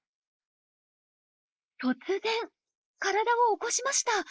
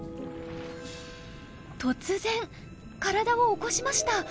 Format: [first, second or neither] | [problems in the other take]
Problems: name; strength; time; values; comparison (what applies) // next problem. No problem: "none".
second | noise reduction (neural mask model Resemble Enhance denoiser)